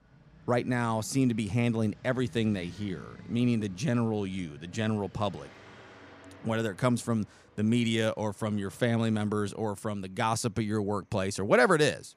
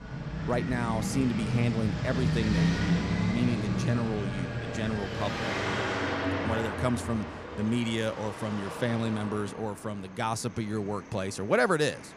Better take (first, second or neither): first